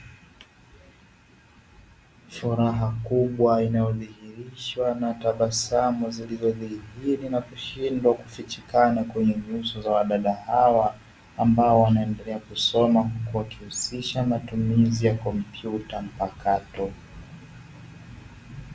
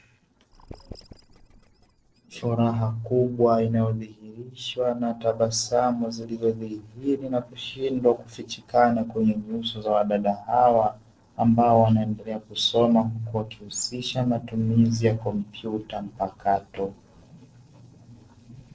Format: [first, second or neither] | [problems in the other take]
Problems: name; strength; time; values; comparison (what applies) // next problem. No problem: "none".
first | noise reduction (neural separator model SepFormer DNS4)